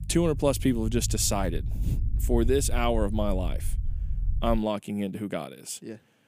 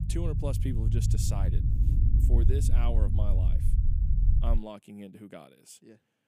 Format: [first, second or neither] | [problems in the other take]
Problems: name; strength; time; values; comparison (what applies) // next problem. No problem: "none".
first | low rumble; loud; until 4.5 s; 3 dB below the speech; faint in the first